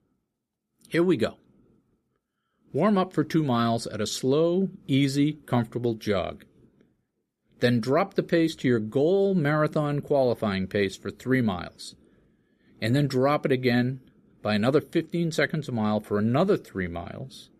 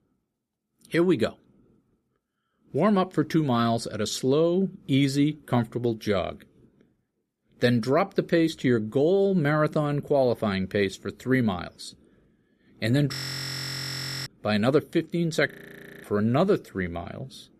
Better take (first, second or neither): first